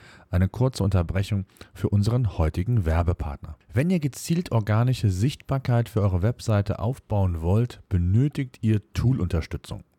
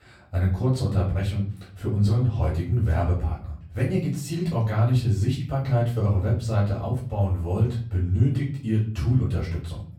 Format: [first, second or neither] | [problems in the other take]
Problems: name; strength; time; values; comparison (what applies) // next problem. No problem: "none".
first | off-mic speech; far // room echo; slight; dies away in 0.5 s